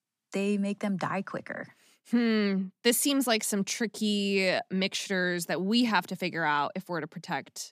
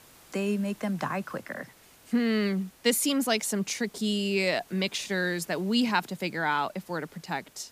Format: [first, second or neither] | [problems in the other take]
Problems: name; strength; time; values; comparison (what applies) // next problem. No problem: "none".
first | hiss; faint; throughout; 25 dB below the speech